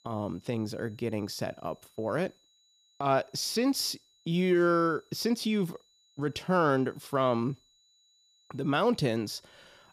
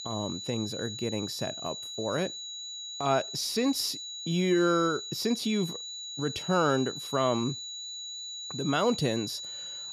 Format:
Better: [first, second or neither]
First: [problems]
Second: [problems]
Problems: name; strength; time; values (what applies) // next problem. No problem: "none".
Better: first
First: high-pitched whine; faint; throughout; 4 kHz, 35 dB below the speech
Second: high-pitched whine; loud; throughout; 4 kHz, 7 dB below the speech